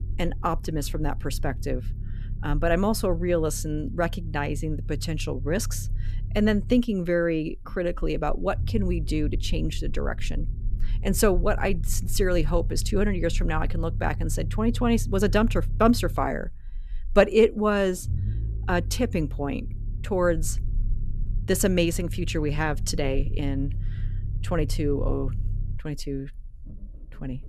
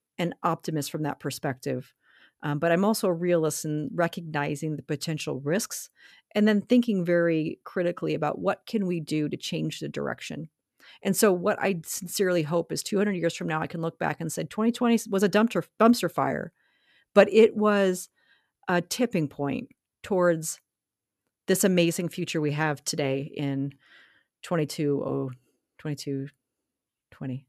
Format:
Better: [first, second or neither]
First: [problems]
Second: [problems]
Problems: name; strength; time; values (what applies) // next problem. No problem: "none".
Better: second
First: low rumble; faint; throughout; 20 dB below the speech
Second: none